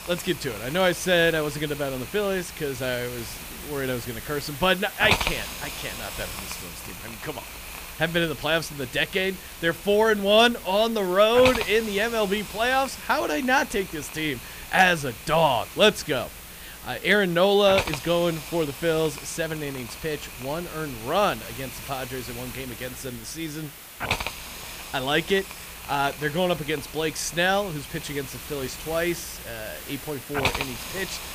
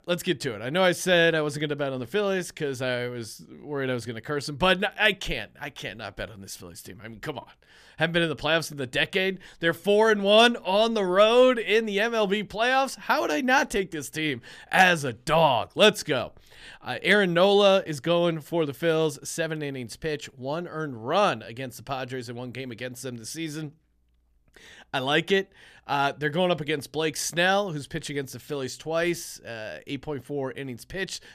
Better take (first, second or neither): second